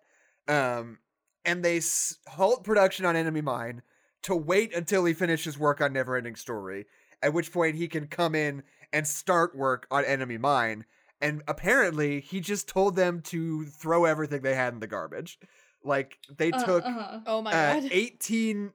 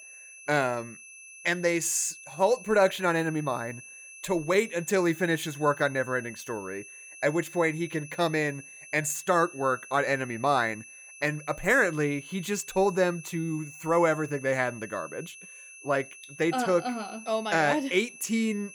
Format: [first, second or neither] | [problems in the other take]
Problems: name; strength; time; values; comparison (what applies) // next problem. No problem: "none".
first | high-pitched whine; noticeable; throughout; 2.5 kHz, 15 dB below the speech